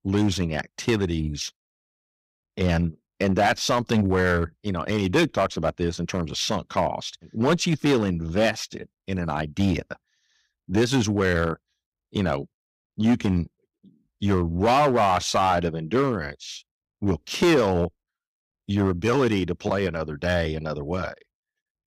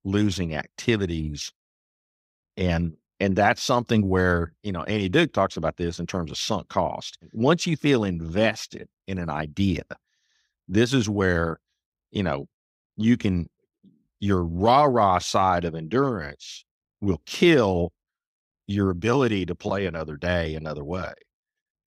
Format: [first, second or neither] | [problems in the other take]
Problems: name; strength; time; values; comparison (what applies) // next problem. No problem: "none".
second | distortion; slight; 5% of the sound clipped